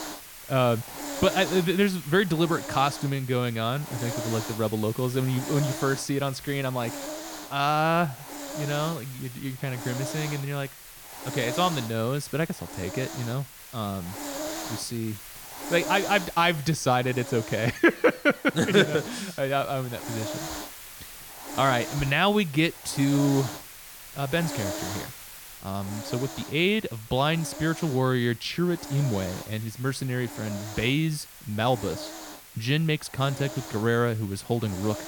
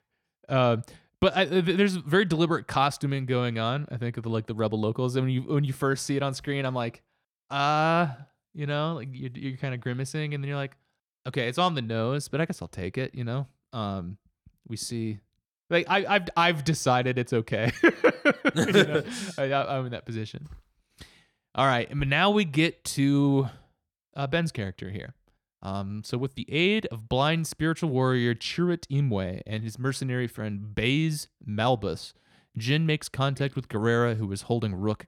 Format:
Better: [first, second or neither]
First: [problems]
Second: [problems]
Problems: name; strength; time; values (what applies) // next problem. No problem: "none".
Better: second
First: hiss; noticeable; throughout; 10 dB below the speech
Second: none